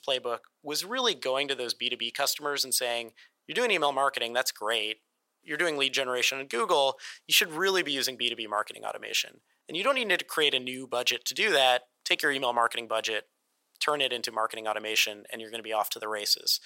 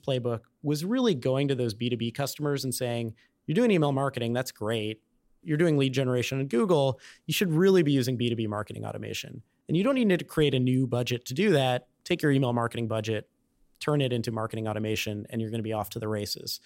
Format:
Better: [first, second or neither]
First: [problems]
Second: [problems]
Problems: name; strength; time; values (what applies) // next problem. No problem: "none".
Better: second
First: thin; very; fading below 850 Hz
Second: none